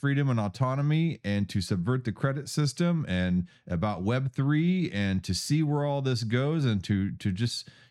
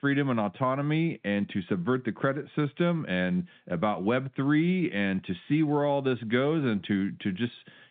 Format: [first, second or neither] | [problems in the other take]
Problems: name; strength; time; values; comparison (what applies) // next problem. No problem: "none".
first | phone-call audio; nothing above 3.5 kHz